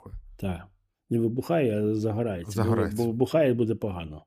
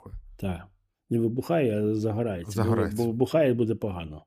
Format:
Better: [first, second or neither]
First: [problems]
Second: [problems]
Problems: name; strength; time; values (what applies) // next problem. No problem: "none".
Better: neither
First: none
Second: none